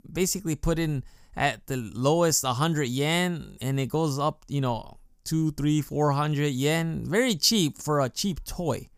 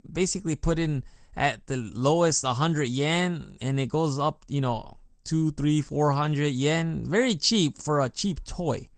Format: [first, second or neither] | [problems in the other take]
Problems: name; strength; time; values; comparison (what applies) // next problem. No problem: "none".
first | garbled, watery; slightly; nothing above 8 kHz